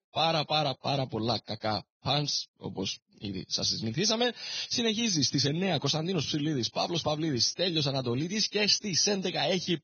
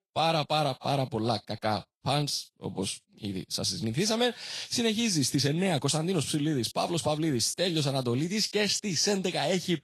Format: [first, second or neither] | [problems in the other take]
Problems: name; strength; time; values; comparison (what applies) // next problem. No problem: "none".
second | garbled, watery; badly; nothing above 6.5 kHz; slightly in the second